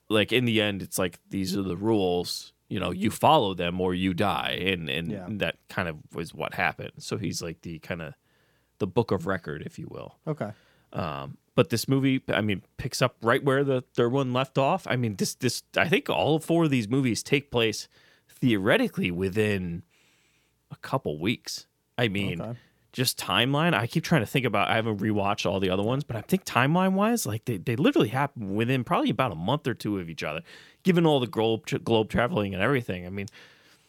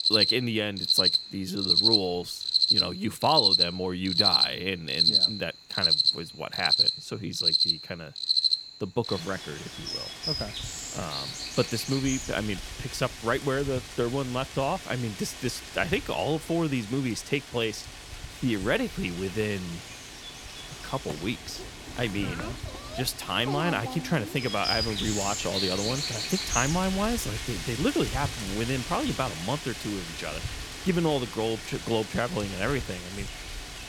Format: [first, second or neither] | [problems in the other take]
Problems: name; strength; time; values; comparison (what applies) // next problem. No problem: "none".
first | animal sounds; very loud; throughout; 4 dB above the speech